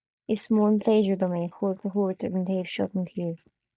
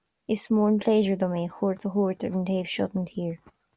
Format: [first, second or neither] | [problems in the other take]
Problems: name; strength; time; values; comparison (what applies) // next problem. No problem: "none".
second | noise reduction (neural mask model DeepFilterNet 3)